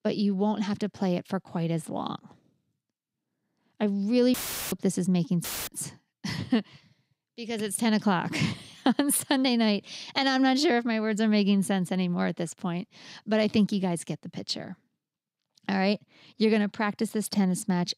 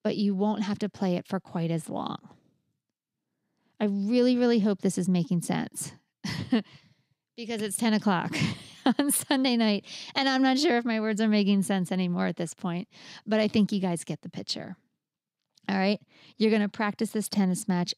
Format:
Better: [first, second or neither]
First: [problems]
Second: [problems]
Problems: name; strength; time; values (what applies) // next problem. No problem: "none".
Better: second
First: audio cutting out; filled with static; at 4.5 s and at 5.5 s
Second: none